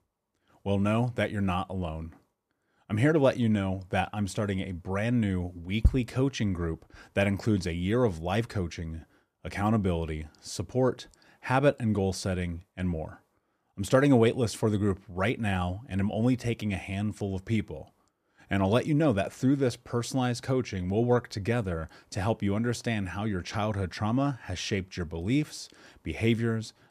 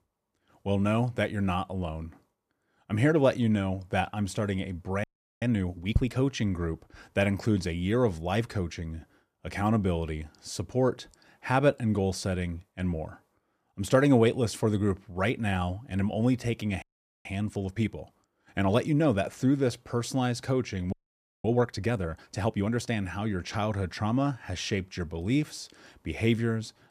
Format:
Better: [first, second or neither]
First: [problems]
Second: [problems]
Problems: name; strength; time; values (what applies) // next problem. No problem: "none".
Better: first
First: none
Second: audio freezing; at 5 s, at 17 s and at 21 s for 0.5 s